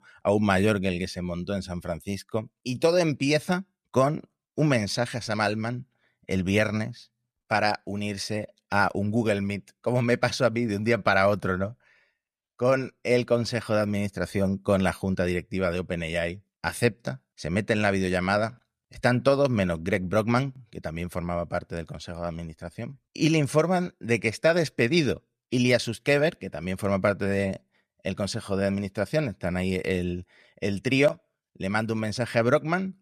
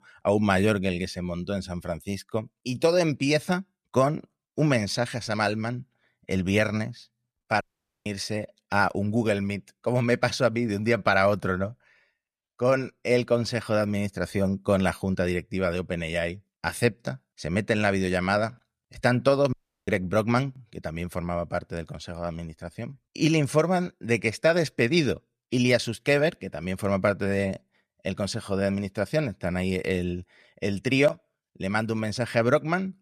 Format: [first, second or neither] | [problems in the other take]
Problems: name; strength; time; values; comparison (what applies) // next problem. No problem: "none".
first | audio cutting out; at 7.5 s and at 20 s